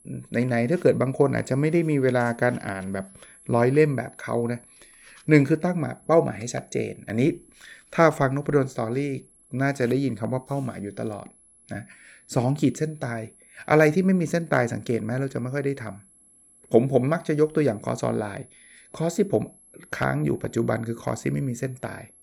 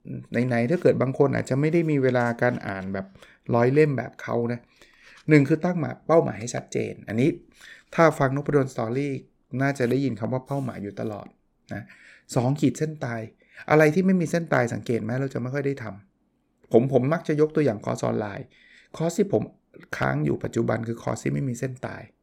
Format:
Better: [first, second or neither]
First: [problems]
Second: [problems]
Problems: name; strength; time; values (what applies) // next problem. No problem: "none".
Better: second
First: high-pitched whine; faint; throughout; 11 kHz, 30 dB below the speech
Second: none